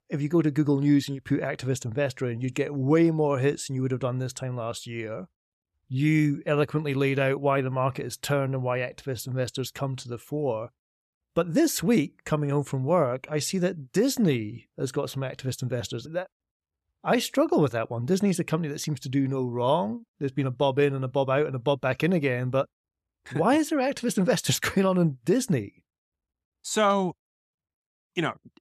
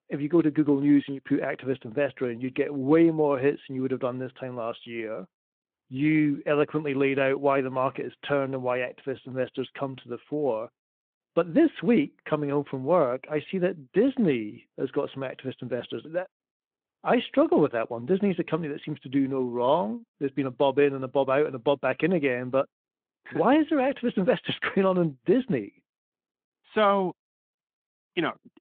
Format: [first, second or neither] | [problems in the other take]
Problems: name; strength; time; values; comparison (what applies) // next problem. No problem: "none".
first | phone-call audio